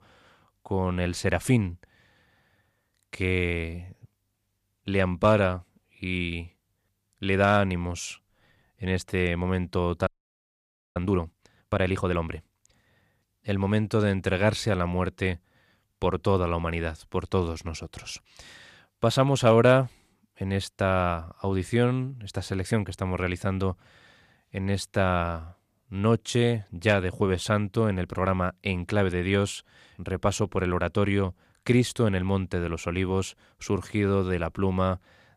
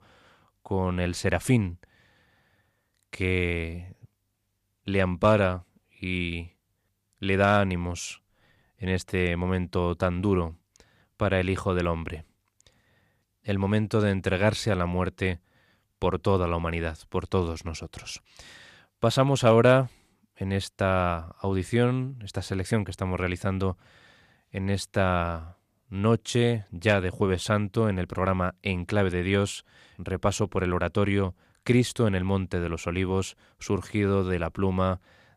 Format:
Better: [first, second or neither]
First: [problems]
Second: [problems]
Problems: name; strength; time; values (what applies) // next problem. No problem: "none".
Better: second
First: audio freezing; at 10 s for 1 s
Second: none